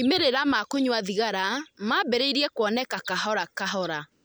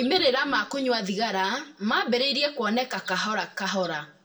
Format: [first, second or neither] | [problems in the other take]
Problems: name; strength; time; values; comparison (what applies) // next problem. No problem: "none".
first | room echo; dies away in 0.4 s